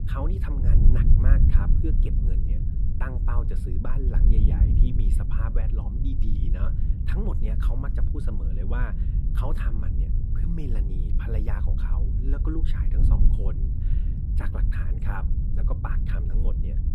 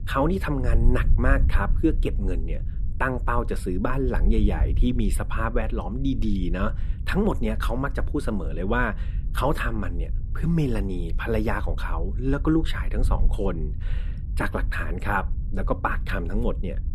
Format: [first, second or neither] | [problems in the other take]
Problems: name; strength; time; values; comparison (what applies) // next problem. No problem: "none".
second | wind noise on the microphone; heavy; 1 dB below the speech; occasional gusts in the second